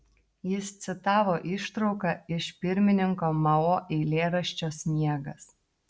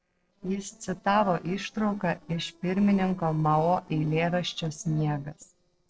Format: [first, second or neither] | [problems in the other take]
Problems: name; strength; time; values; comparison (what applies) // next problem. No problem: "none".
first | noise reduction (neural separator model SepFormer DNS4)